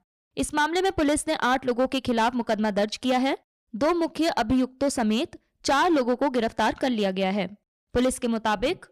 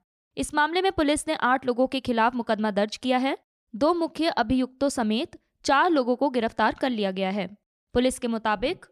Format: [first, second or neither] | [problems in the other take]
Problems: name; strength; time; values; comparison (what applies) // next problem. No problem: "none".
second | distortion; slight; 8% of the sound clipped